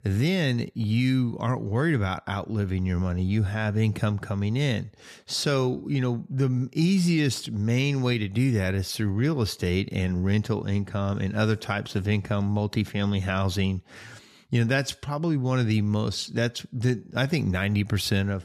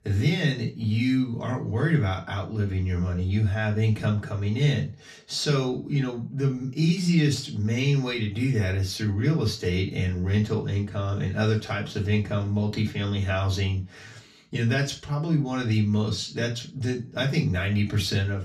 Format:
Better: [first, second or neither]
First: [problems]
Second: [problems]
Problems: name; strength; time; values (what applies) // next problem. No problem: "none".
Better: first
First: none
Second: room echo; slight; dies away in 0.3 s // off-mic speech; far